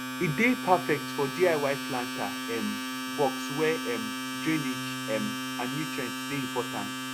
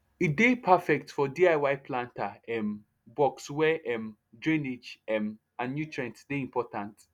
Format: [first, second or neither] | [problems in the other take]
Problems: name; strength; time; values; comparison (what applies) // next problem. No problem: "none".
second | background sound (Domestic sounds, home sounds); 3 dB below the speech